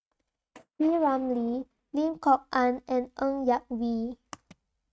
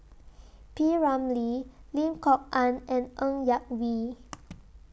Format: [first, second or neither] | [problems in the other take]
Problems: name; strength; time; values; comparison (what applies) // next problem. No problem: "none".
second | noise reduction (neural mask model RNNoise)